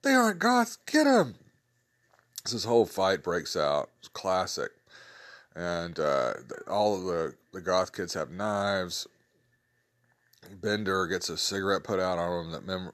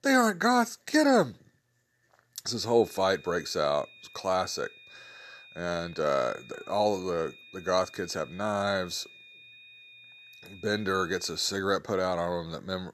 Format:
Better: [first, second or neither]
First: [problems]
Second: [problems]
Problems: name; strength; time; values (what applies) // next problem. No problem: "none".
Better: first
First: none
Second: high-pitched whine; faint; from 2.5 to 11 s; 2.5 kHz, 20 dB below the speech